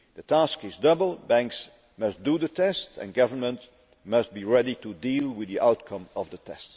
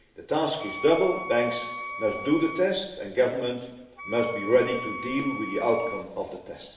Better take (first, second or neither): first